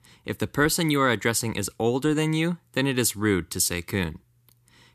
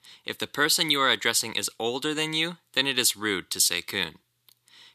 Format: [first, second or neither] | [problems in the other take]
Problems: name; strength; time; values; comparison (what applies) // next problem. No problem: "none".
first | thin; somewhat; fading below 650 Hz